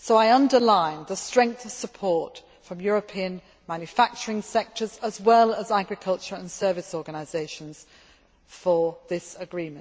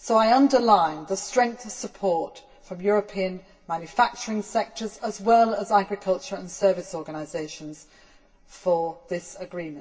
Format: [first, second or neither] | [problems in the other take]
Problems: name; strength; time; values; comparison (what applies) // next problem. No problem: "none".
first | room echo; dies away in 0.2 s